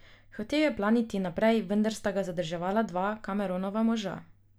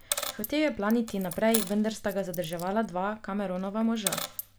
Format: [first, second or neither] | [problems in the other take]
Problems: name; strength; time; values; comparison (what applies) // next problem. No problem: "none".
first | background sound (Coin (dropping)); 9 dB below the speech